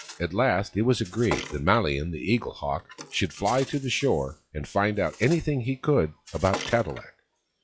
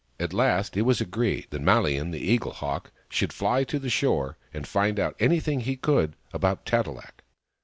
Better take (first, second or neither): second